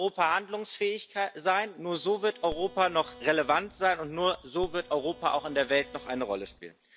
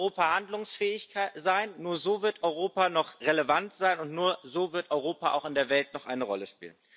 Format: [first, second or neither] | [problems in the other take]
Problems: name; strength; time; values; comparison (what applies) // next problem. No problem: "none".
second | background sound (Bowed string instrument + Dog); 19 dB below the speech